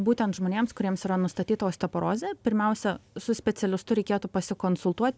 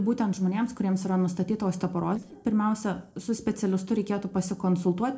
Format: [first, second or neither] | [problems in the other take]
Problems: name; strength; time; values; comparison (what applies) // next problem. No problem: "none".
first | noise reduction (neural separator model SepFormer DNS4)